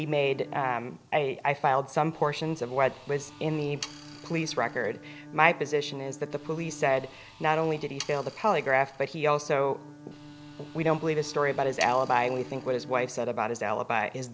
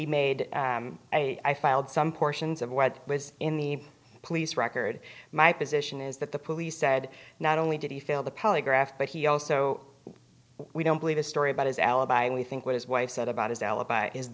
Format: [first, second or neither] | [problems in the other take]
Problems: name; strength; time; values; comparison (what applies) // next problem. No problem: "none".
second | background sound (Sawing + Bowed string instrument); 18 dB below the speech